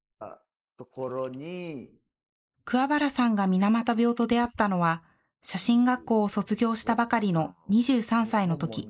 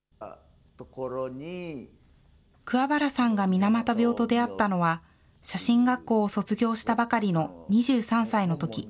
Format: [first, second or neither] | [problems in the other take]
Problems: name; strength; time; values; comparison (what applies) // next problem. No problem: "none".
second | noise reduction (neural mask model Resemble Enhance denoiser)